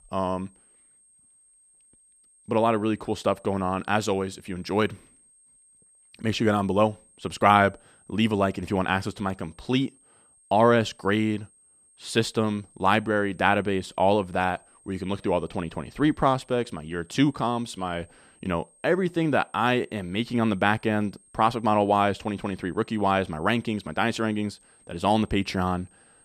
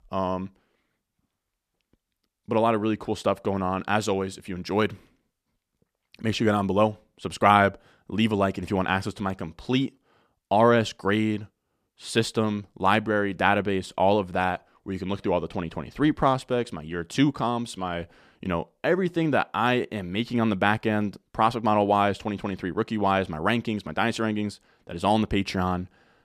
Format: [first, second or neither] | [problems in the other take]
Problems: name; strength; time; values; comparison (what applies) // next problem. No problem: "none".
second | high-pitched whine; faint; throughout; 8.5 kHz, 30 dB below the speech